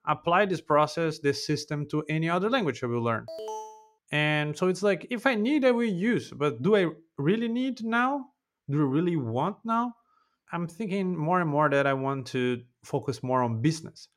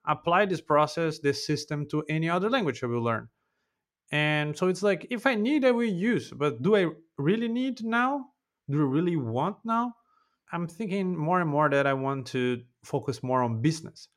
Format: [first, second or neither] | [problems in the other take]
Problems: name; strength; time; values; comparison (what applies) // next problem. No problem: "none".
second | alarm; noticeable; at 3.5 s; peak 10 dB below the speech